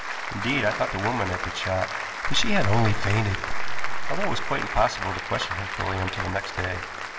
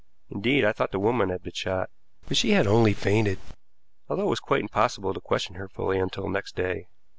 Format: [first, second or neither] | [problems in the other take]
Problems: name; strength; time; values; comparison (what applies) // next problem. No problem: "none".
second | background sound (Applause); 7 dB below the speech // room echo; dies away in 2.4 s